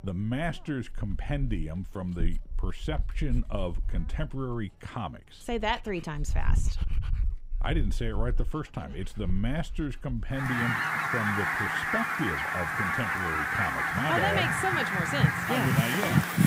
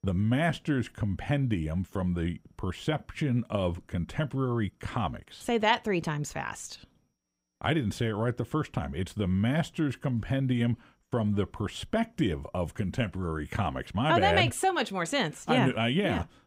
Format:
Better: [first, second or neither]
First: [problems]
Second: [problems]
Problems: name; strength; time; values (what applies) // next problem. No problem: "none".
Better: second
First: animal sounds; very loud; throughout; 3 dB above the speech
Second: none